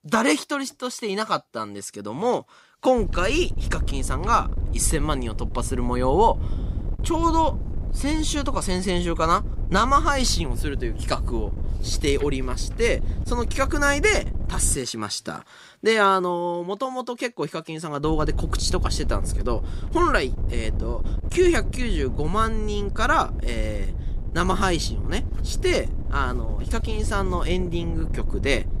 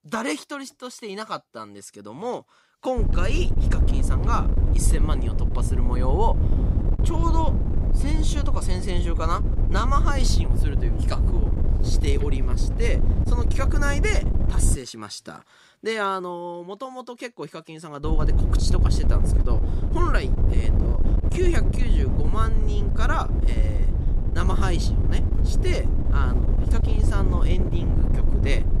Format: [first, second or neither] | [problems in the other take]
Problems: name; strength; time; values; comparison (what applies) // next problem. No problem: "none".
first | wind noise on the microphone; heavy; from 3 to 15 s and from 18 s on; 6 dB below the speech; occasional gusts in the first